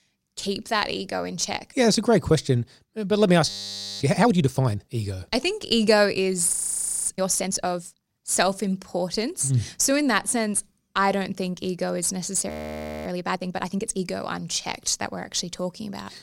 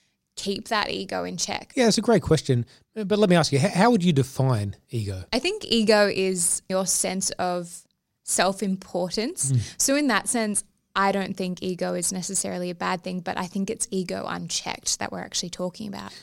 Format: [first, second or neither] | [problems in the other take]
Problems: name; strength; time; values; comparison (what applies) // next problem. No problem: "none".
second | audio freezing; at 3.5 s for 0.5 s, at 6.5 s for 0.5 s and at 12 s for 0.5 s